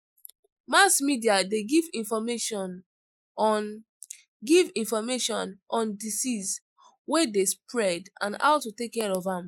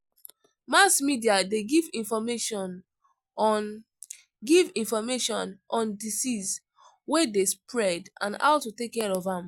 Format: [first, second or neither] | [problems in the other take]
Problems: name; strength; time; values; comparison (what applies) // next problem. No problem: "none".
second | noise reduction (neural mask model Resemble Enhance denoiser)